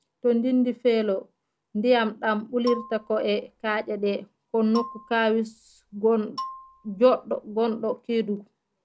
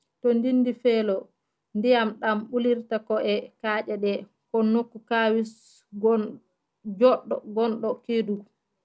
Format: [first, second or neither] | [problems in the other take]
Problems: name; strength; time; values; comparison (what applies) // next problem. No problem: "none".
second | background sound (Marimba, xylophone); 16 dB below the speech